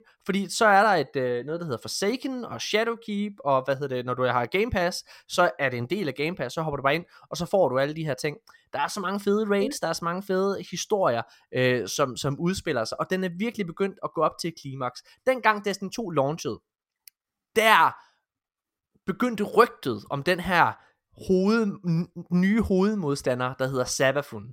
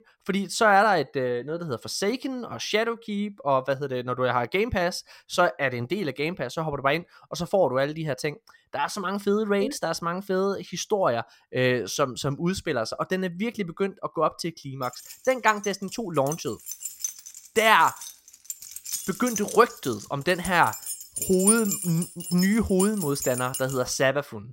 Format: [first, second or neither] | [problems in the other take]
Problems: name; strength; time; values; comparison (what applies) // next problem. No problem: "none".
first | jangling keys; loud; from 15 to 24 s; peak 4 dB above the speech